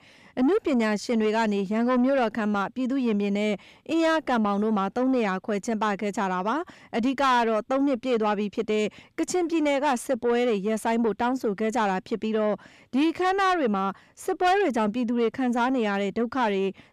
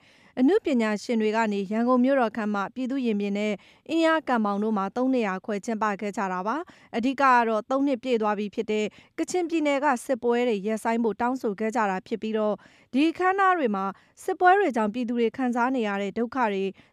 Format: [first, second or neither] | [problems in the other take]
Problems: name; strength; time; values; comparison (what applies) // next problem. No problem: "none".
second | distortion; slight; 10 dB below the speech